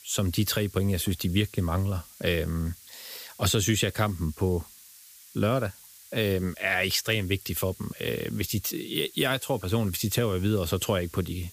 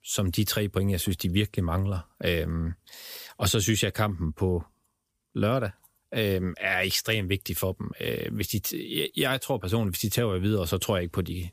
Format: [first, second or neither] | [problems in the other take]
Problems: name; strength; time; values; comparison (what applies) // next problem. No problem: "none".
second | hiss; noticeable; throughout; 20 dB below the speech